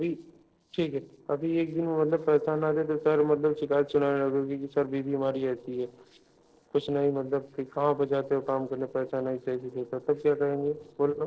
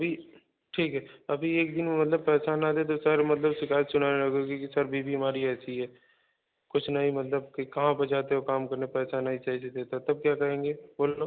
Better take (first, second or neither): second